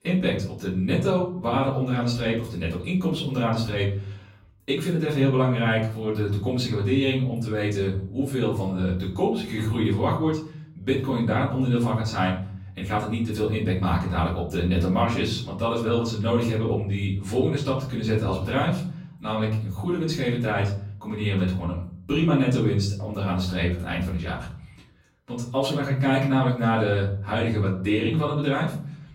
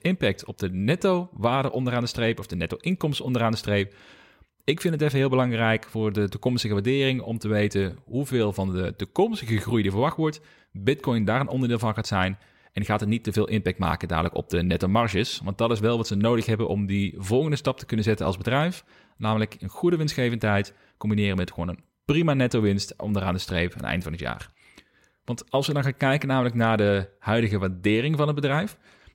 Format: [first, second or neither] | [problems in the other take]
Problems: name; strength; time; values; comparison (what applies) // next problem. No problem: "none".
second | off-mic speech; far // room echo; slight; dies away in 0.6 s